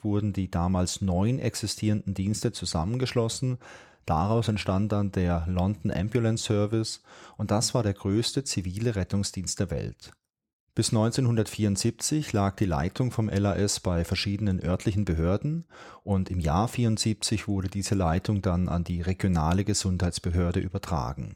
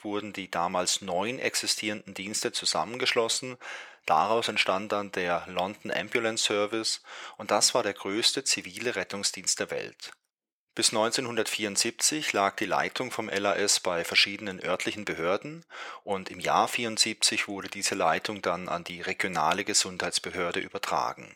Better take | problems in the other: first | thin; very; fading below 500 Hz

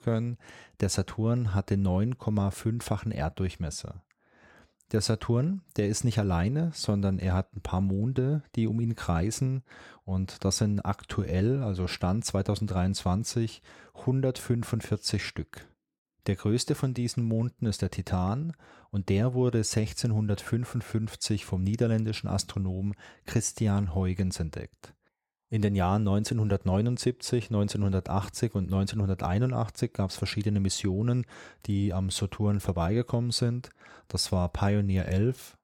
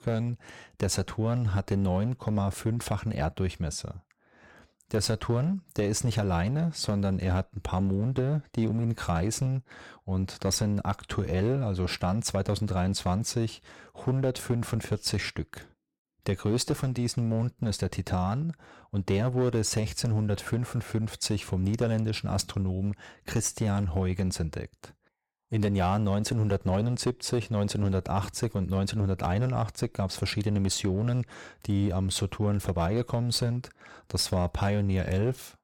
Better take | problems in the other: first | distortion; slight; 11% of the sound clipped

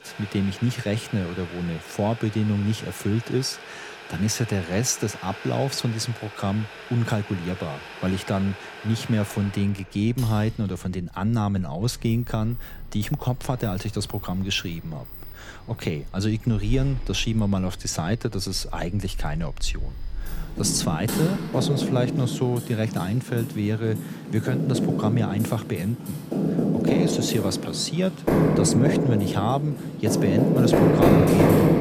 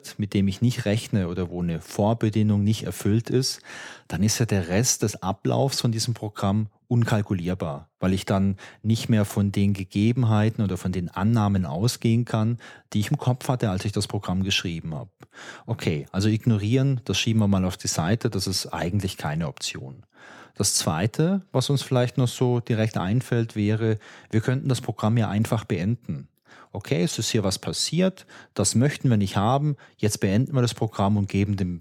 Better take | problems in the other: second | household noises; very loud; throughout; 1 dB above the speech

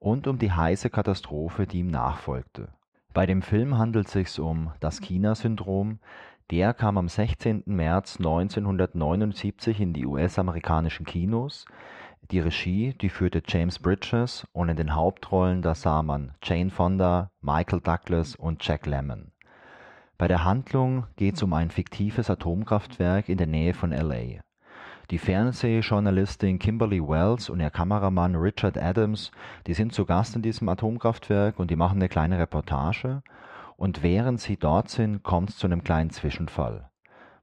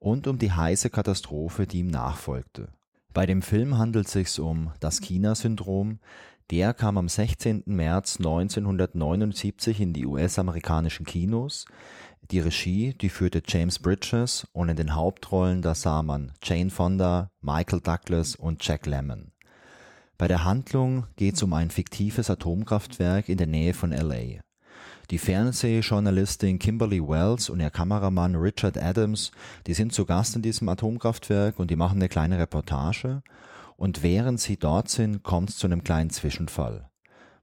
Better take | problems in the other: second | muffled; slightly; fading above 3 kHz

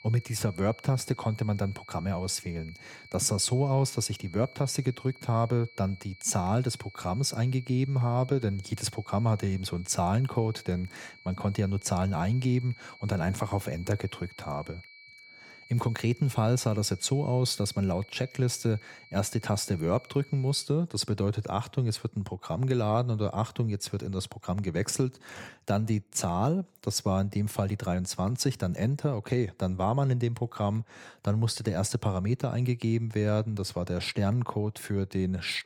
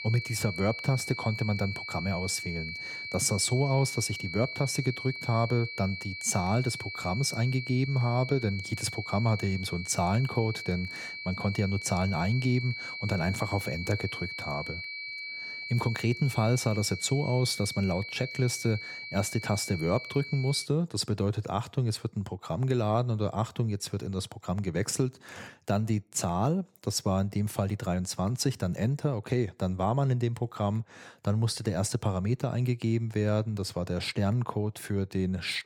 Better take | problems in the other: first | high-pitched whine; loud; until 21 s; 2.5 kHz, 7 dB below the speech; faint in the first

